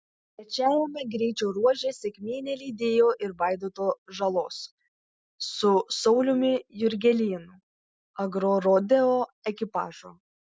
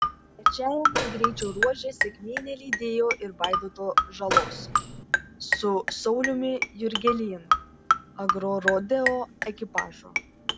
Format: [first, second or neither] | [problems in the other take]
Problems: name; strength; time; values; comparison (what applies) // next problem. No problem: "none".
first | background sound (Marimba, xylophone + Door); 1 dB above the speech